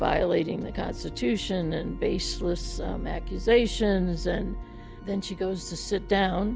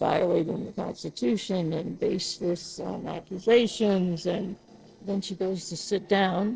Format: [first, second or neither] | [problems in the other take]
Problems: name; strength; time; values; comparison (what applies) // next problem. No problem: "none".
first | noise reduction (neural separator model SepFormer DNS4)